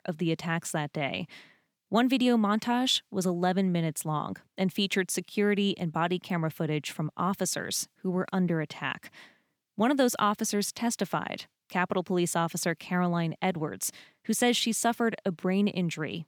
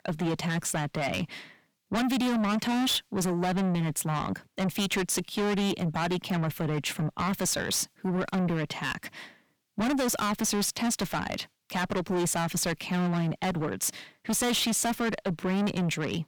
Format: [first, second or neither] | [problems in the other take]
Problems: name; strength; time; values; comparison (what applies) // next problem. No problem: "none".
first | distortion; heavy; 5 dB below the speech